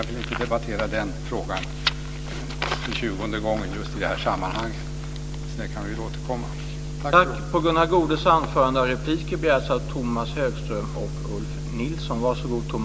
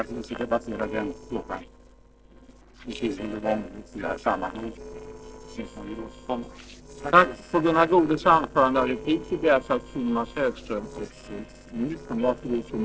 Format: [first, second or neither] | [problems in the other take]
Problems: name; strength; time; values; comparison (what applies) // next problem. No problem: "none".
first | noise reduction (neural separator model SepFormer DNS4)